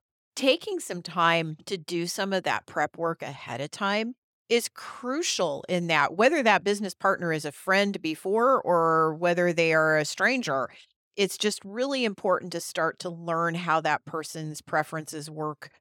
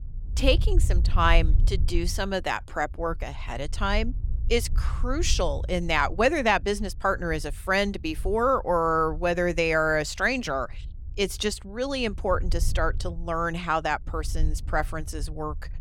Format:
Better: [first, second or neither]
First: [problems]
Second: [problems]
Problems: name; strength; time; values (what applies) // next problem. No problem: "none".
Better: first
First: none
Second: wind noise on the microphone; occasional gusts; 25 dB below the speech